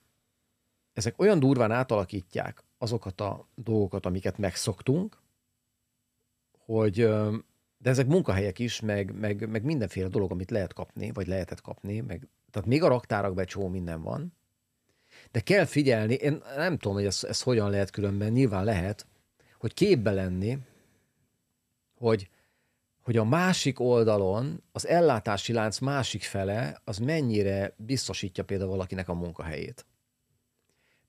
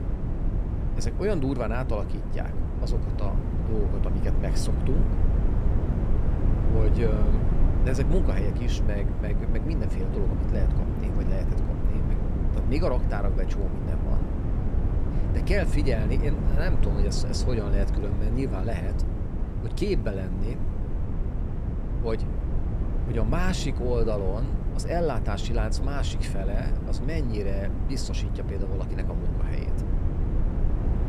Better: first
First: none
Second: low rumble; loud; throughout; 5 dB below the speech

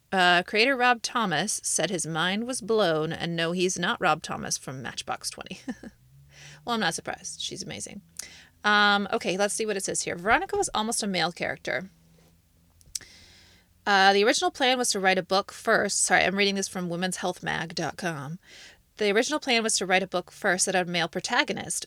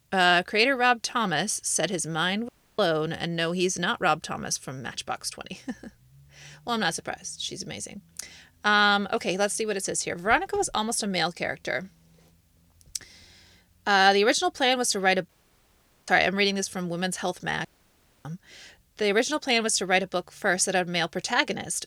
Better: first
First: none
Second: audio cutting out; at 2.5 s, at 15 s for 1 s and at 18 s for 0.5 s

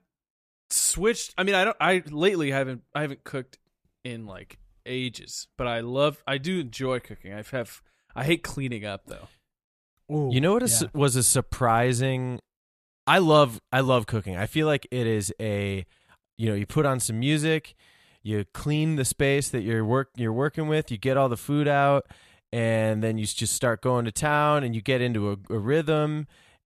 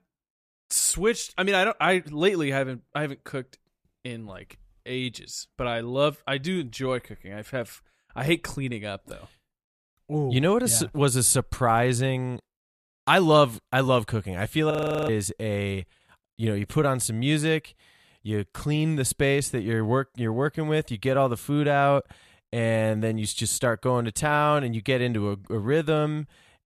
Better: first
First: none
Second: audio freezing; at 15 s

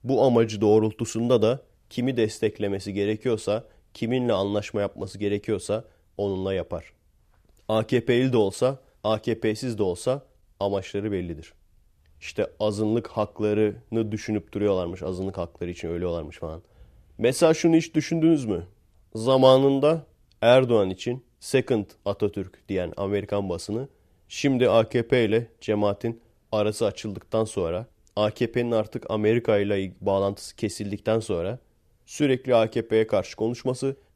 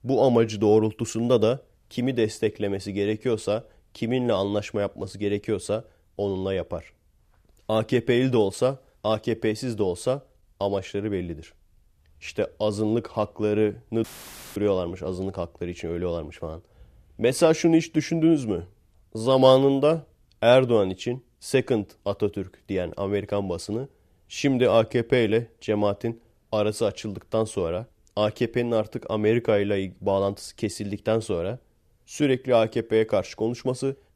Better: first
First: none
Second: audio cutting out; filled with static; at 14 s for 0.5 s

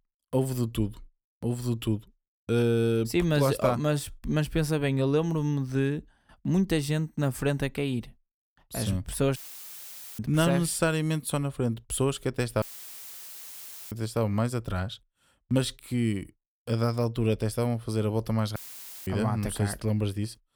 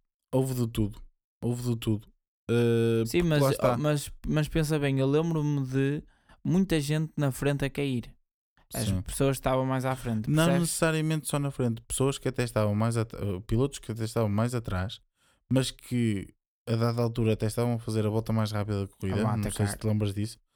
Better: second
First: audio cutting out; filled with static; at 9.5 s for 1 s, at 13 s for 1.5 s and at 19 s for 0.5 s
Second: none

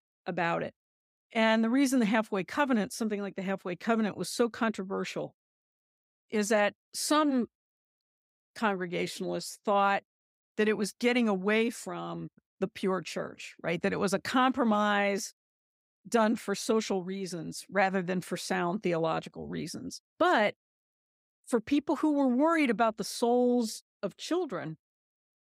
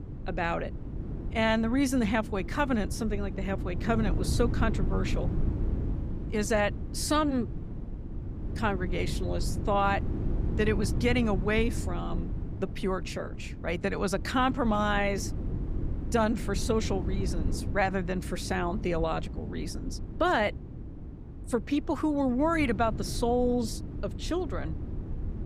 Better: first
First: none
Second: wind noise on the microphone; occasional gusts; 15 dB below the speech

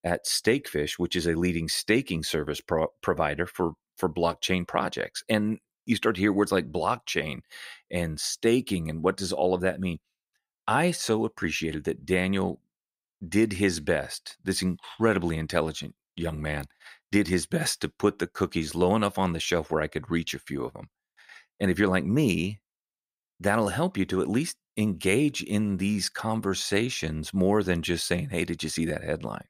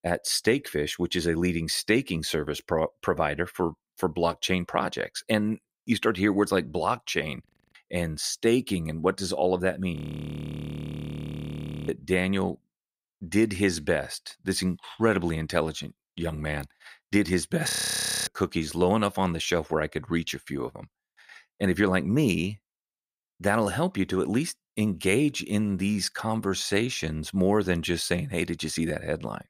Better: first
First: none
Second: audio freezing; at 7.5 s, at 10 s for 2 s and at 18 s for 0.5 s

